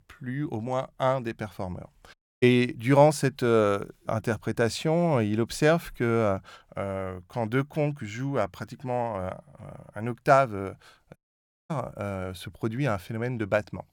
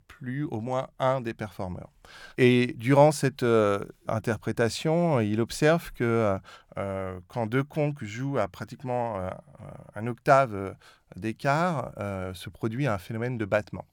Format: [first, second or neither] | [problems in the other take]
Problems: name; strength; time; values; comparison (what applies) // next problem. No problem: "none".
second | audio cutting out; at 2 s and at 11 s for 0.5 s